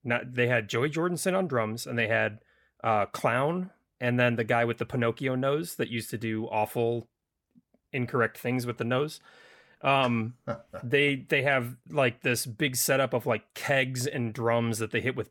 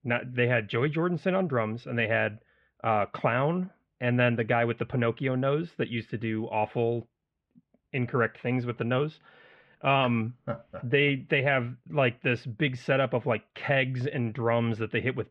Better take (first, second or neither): first